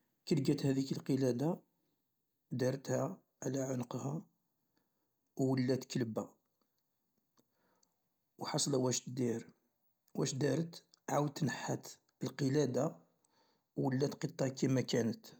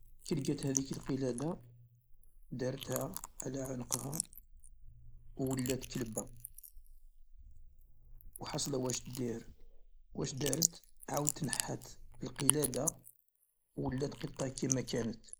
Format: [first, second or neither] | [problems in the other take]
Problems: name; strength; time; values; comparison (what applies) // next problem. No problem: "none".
first | noise reduction (neural mask model Resemble Enhance denoiser)